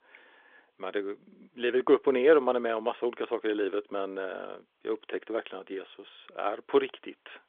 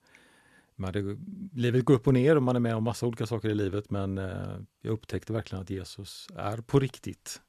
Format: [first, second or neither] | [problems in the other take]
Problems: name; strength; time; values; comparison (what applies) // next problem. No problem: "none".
second | phone-call audio; nothing above 3.5 kHz